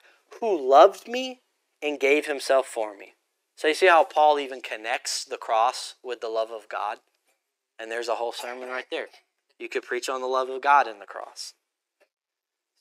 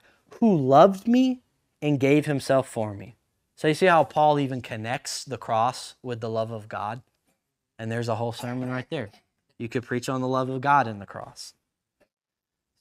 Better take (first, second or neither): second